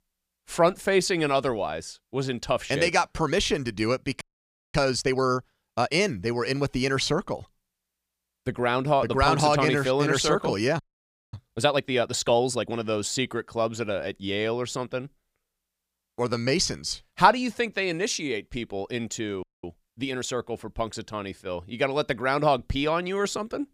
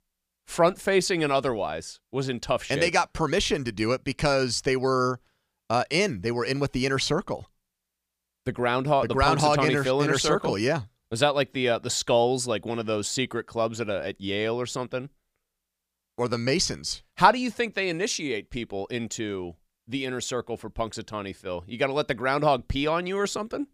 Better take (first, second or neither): second